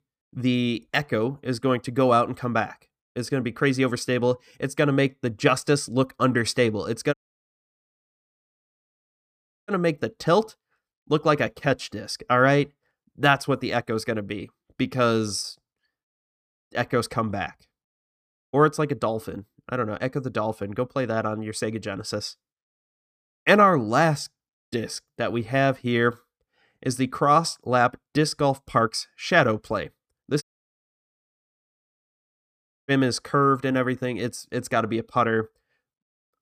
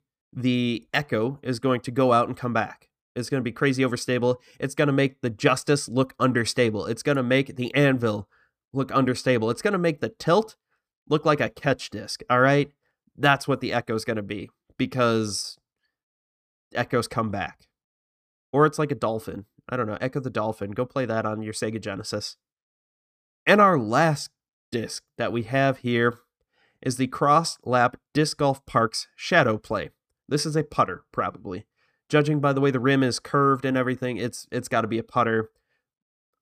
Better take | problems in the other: second | audio cutting out; at 7 s for 2.5 s and at 30 s for 2.5 s

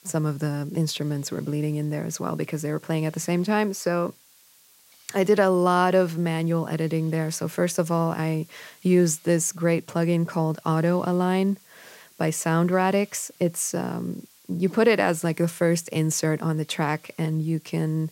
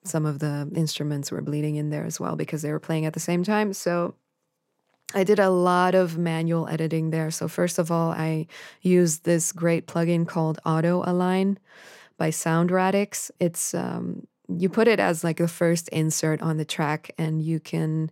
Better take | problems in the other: second | hiss; faint; throughout; 30 dB below the speech

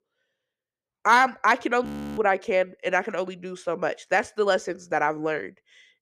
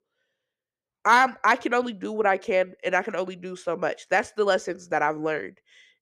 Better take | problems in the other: second | audio freezing; at 2 s

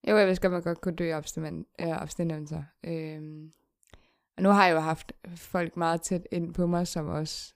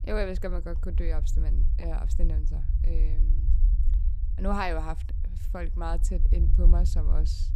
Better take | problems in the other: first | low rumble; noticeable; throughout; 15 dB below the speech

